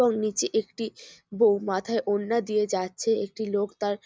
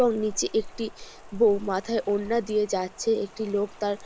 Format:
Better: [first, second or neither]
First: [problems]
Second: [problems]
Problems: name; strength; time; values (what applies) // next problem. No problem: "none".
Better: first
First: none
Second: background sound (Rain); 15 dB below the speech